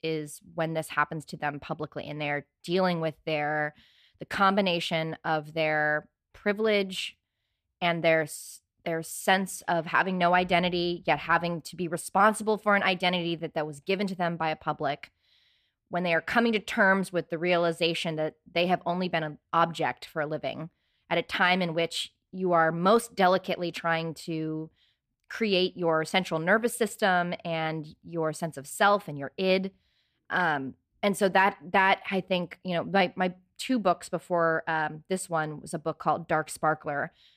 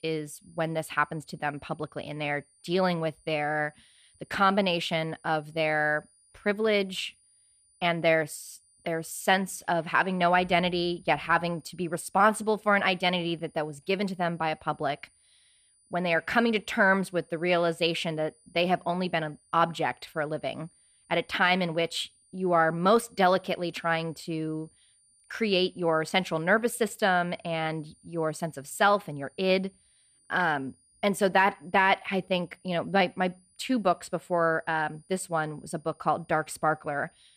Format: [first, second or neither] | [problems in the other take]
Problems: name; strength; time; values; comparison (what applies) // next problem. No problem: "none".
first | high-pitched whine; faint; throughout; 9.5 kHz, 35 dB below the speech